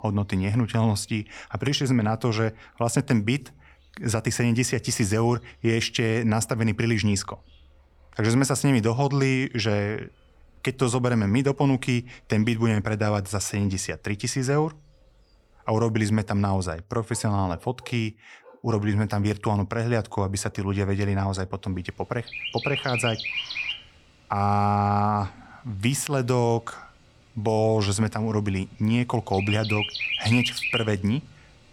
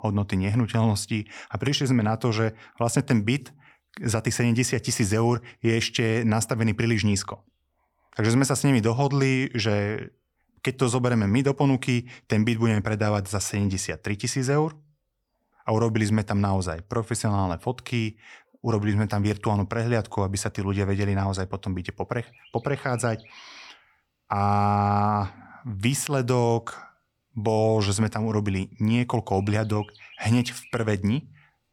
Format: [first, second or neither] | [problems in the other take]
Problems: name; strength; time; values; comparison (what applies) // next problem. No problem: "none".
second | animal sounds; loud; throughout; 3 dB below the speech; faint in the second